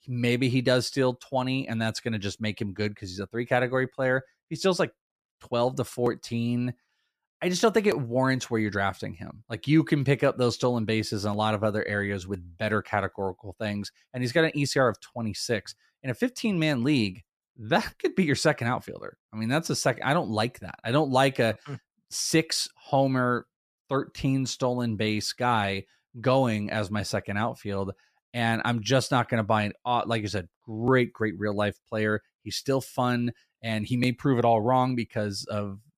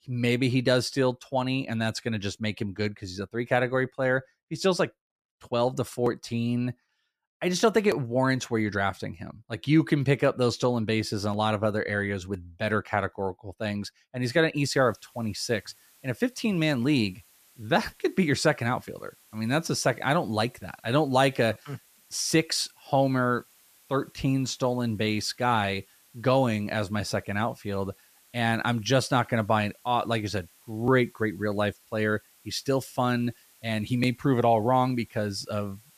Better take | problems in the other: first | hiss; faint; from 15 s on; 30 dB below the speech

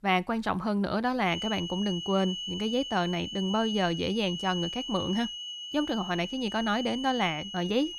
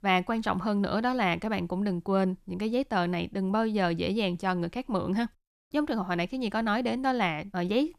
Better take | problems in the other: second | high-pitched whine; loud; from 1.5 s on; 3 kHz, 6 dB below the speech

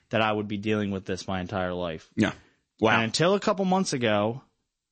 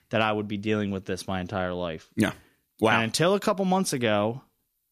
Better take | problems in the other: second | garbled, watery; slightly; nothing above 8 kHz

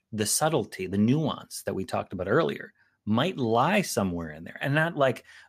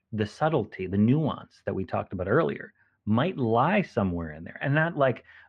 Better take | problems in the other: first | muffled; very; fading above 2.5 kHz

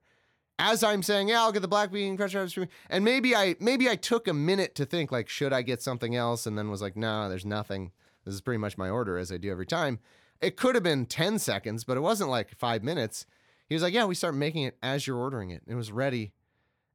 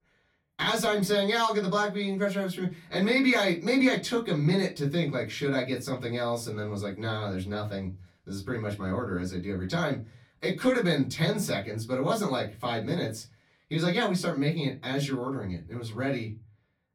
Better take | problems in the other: first | off-mic speech; far // room echo; very slight; dies away in 0.3 s

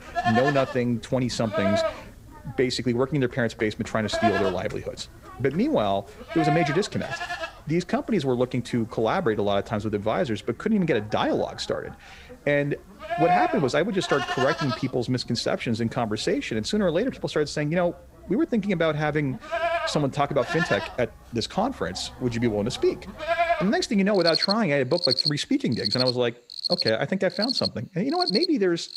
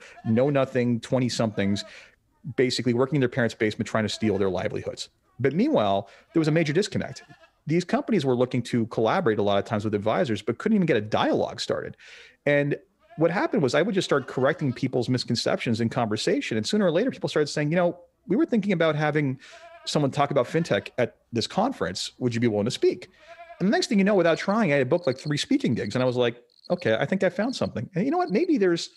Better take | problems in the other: second | animal sounds; loud; throughout; 2 dB below the speech; faint in the second

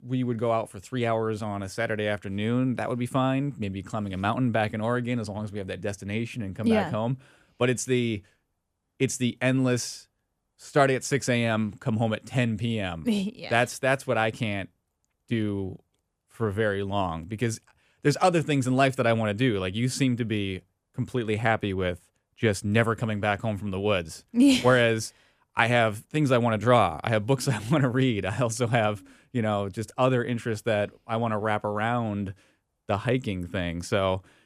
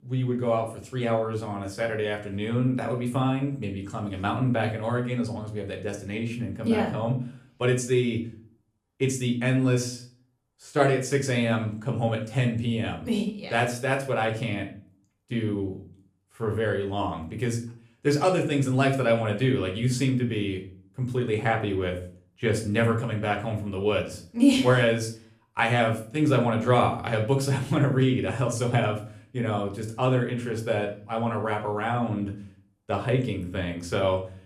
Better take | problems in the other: first | room echo; slight; dies away in 0.4 s // off-mic speech; somewhat distant

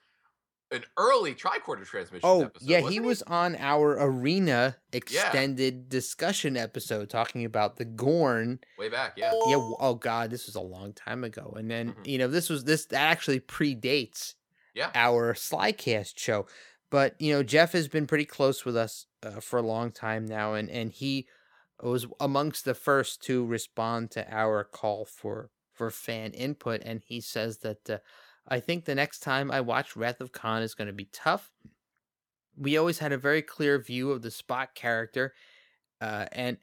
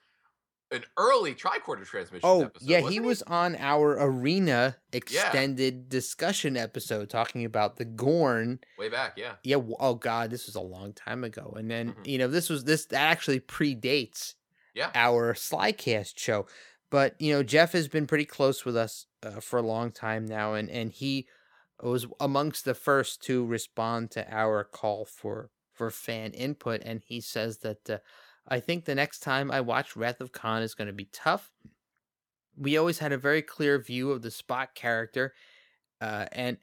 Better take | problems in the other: second | alarm; loud; at 9 s; peak 3 dB above the speech

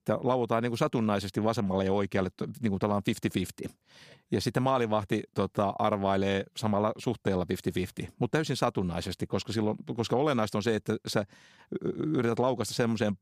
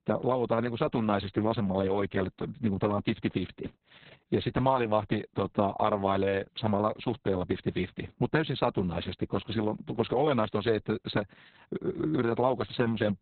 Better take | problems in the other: first | garbled, watery; badly; nothing above 4 kHz

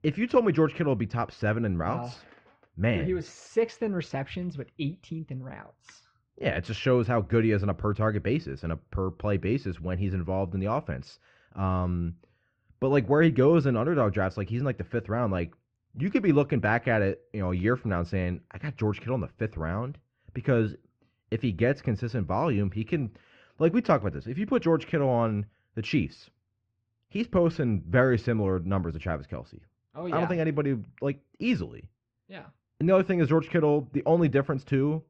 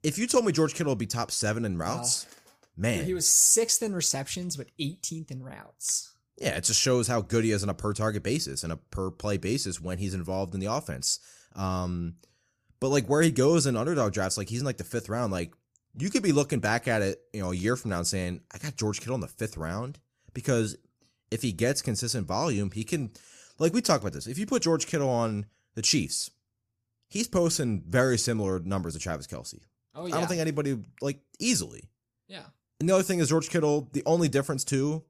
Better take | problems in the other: second | muffled; very; fading above 3 kHz

